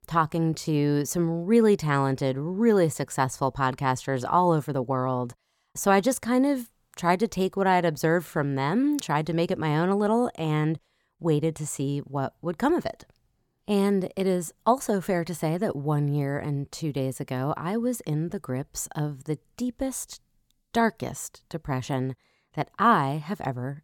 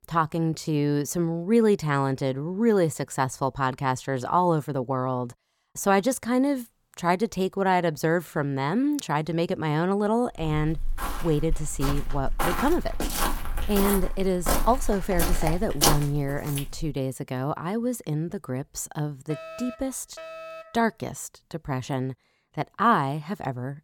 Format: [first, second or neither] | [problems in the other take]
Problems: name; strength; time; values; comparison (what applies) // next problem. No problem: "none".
first | footsteps; loud; from 10 to 17 s; peak 4 dB above the speech // alarm; faint; from 19 to 21 s; peak 10 dB below the speech